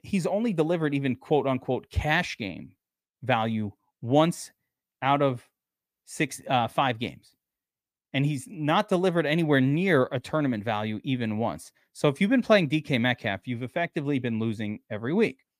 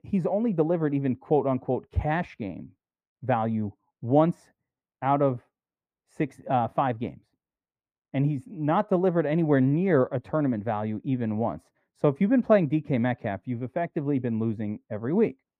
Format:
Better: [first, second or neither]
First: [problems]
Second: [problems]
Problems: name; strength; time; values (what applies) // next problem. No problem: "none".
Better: first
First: none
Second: muffled; very; fading above 2 kHz